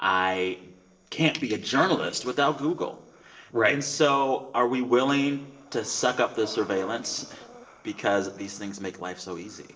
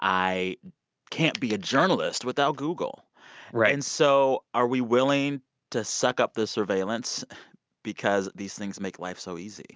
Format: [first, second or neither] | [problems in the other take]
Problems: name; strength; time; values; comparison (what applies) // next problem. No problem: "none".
second | noise reduction (neural separator model SepFormer DNS4)